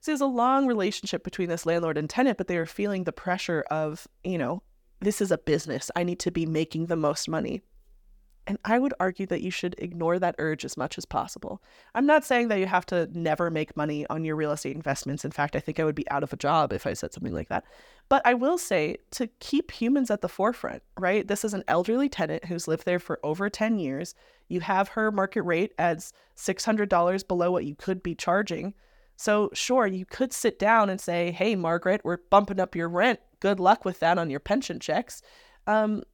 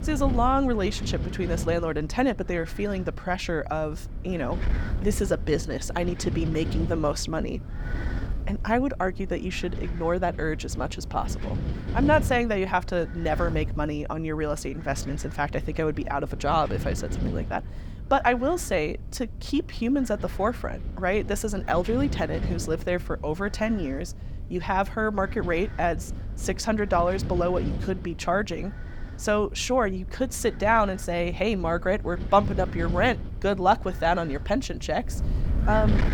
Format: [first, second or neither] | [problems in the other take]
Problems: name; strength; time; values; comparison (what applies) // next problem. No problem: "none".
first | wind noise on the microphone; occasional gusts; 15 dB below the speech